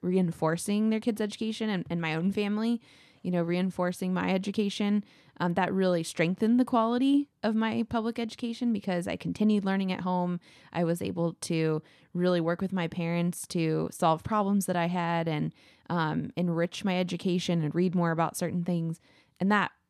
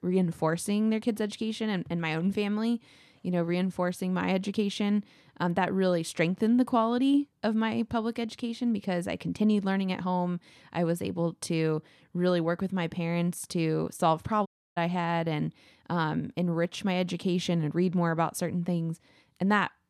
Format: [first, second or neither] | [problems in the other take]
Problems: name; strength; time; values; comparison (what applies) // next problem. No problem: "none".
first | audio cutting out; at 14 s